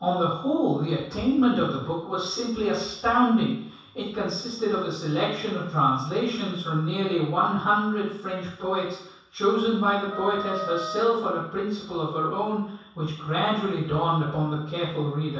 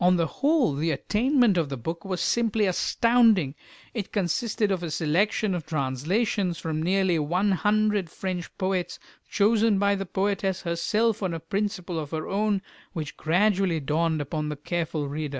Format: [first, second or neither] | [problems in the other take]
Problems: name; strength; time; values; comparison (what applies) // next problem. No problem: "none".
second | background sound (Wind instrument, woodwind instrument); 9 dB below the speech // room echo; dies away in 0.7 s